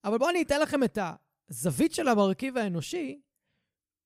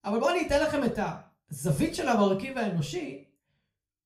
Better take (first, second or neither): first